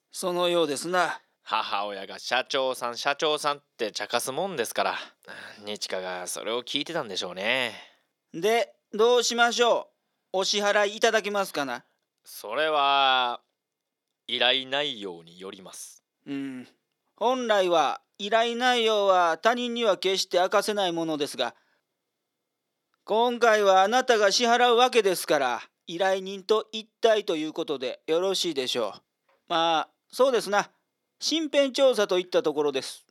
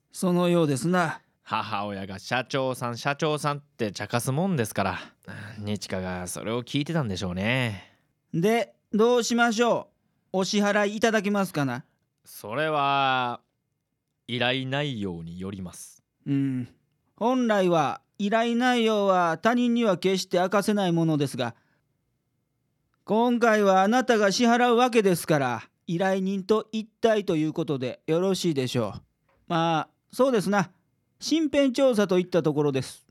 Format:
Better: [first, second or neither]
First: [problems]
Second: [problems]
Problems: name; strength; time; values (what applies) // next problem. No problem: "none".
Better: second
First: thin; somewhat; fading below 450 Hz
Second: none